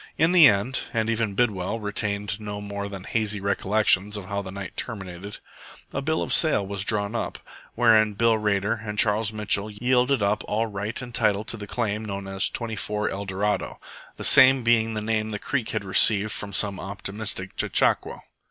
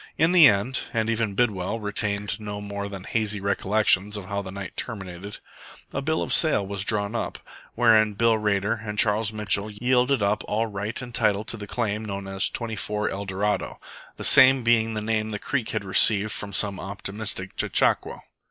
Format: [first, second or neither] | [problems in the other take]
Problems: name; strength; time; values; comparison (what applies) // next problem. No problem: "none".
first | noise reduction (neural mask model Resemble Enhance denoiser)